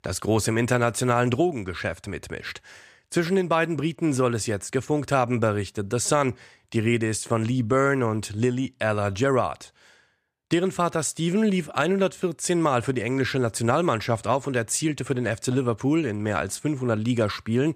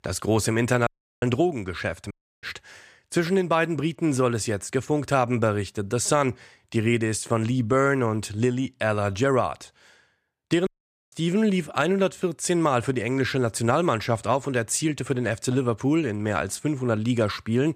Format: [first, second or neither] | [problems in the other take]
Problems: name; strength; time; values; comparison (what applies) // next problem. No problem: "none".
first | audio cutting out; at 1 s, at 2 s and at 11 s